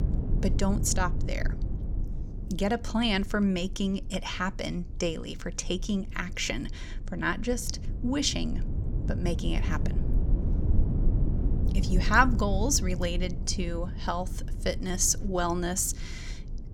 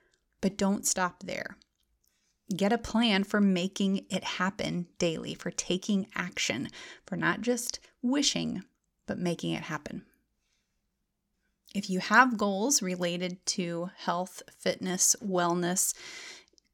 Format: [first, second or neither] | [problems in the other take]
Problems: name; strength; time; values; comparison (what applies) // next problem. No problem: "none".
second | low rumble; noticeable; throughout; 15 dB below the speech